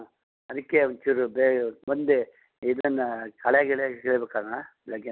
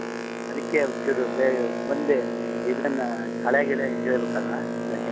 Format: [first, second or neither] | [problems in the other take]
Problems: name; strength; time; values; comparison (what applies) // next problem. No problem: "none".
first | background sound (Boat, Water vehicle); 2 dB below the speech